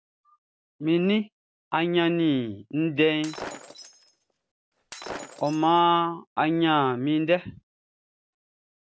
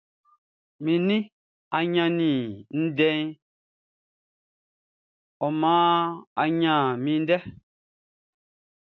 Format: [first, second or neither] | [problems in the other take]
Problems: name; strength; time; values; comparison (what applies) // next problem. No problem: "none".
second | background sound (Shatter); 15 dB below the speech